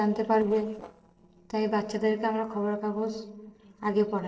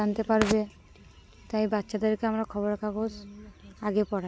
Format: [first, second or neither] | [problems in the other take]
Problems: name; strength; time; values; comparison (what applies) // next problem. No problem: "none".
second | noise reduction (neural separator model SepFormer DNS4)